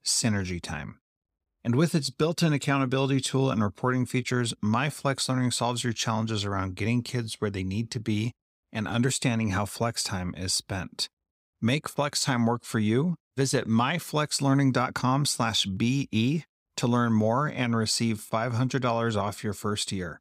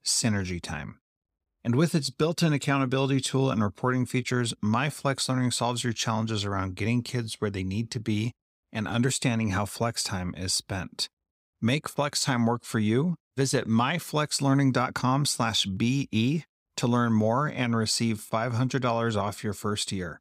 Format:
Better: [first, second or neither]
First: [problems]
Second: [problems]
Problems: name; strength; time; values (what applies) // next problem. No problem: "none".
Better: neither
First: none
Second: none